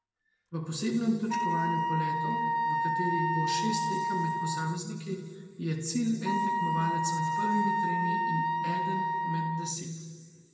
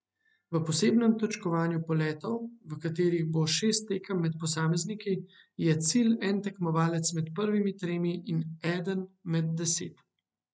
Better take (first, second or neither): second